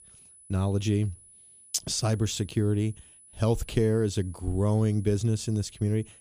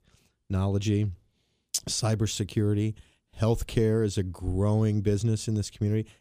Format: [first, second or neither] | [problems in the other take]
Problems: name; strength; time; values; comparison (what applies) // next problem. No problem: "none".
second | high-pitched whine; faint; throughout; 10 kHz, 25 dB below the speech